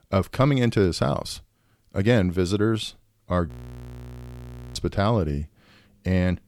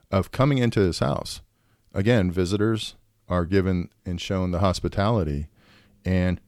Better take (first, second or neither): second